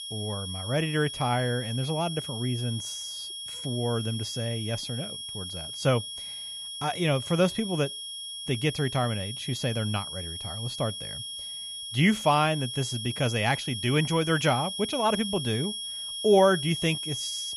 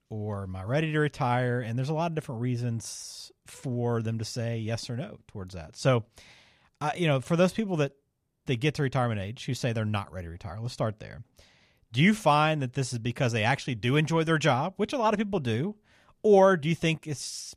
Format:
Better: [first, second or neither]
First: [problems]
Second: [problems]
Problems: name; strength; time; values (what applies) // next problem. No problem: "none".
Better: second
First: high-pitched whine; loud; throughout; 3.5 kHz, 6 dB below the speech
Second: none